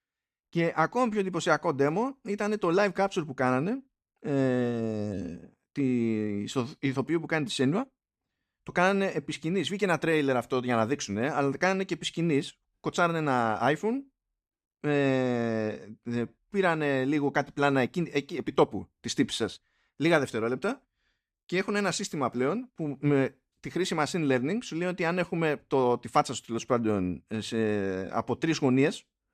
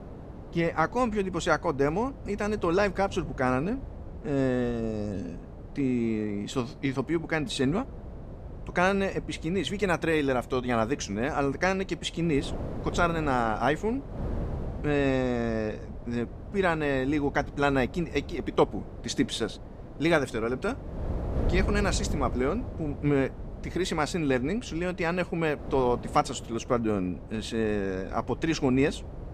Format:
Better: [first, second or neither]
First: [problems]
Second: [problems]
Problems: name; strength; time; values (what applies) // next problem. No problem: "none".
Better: first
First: none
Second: wind noise on the microphone; occasional gusts; 15 dB below the speech